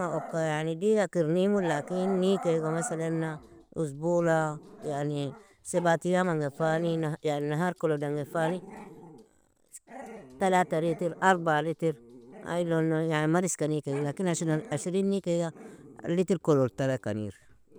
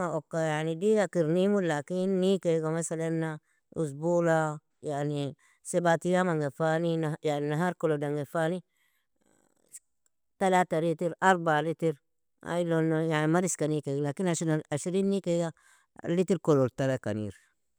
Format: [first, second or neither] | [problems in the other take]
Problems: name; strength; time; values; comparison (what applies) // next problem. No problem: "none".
second | background sound (Growling); 17 dB below the speech